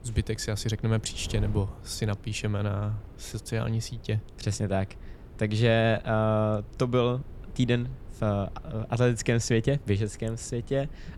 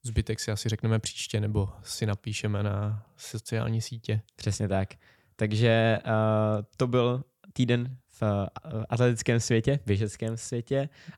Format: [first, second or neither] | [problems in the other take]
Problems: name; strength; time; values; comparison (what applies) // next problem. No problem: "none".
second | wind noise on the microphone; occasional gusts; 25 dB below the speech